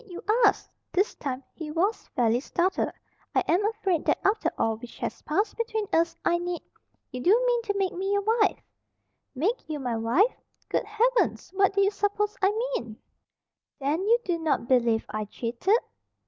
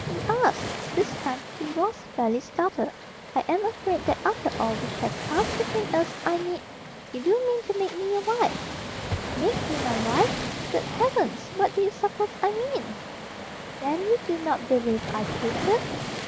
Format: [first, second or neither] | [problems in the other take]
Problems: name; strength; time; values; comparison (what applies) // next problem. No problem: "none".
first | background sound (Waves, surf); 6 dB below the speech